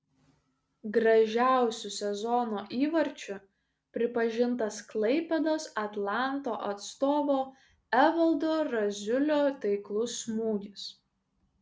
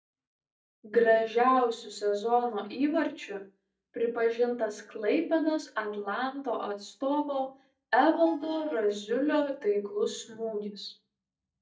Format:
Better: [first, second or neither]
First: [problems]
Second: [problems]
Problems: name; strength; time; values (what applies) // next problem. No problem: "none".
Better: first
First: none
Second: noise reduction (neural mask model DeepFilterNet 3)